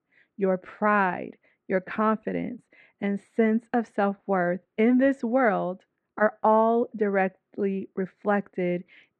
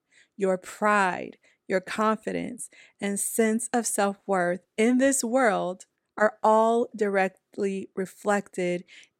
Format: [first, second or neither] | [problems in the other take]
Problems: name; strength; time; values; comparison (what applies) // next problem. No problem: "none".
second | muffled; very; fading above 2.5 kHz